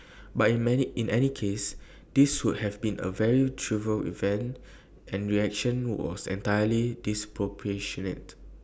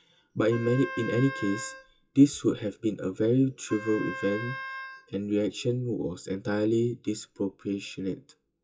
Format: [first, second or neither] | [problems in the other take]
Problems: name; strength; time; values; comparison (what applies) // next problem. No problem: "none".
first | noise reduction (classical method WPE with log-MMSE)